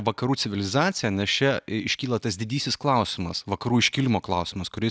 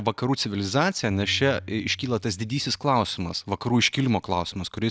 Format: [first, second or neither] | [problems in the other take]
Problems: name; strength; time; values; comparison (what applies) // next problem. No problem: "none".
first | background sound (Tabla); 19 dB below the speech